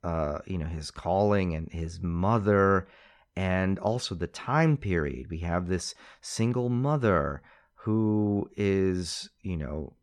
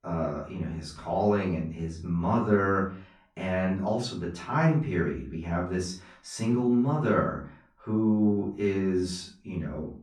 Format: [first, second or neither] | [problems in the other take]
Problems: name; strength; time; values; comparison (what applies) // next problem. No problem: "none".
first | off-mic speech; far // room echo; slight; dies away in 0.4 s